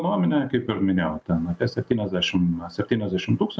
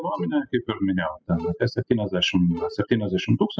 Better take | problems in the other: first | noise reduction (classical method spectral subtraction)

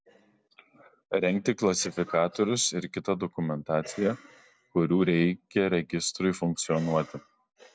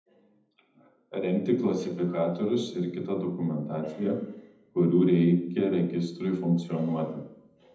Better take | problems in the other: first | room echo; dies away in 0.8 s

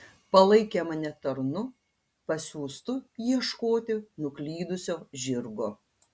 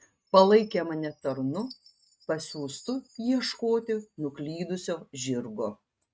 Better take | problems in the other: first | noise reduction (neural mask model RNNoise)

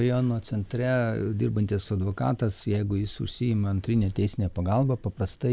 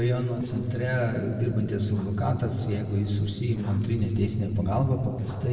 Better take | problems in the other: first | noise reduction (neural separator model SepFormer DNS4)

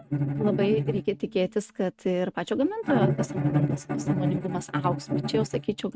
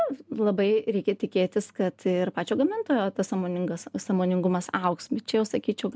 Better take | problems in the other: second | noise reduction (neural mask model RNNoise)

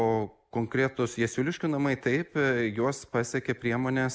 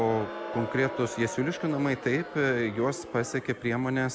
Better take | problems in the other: first | background sound (Crowd); 11 dB below the speech

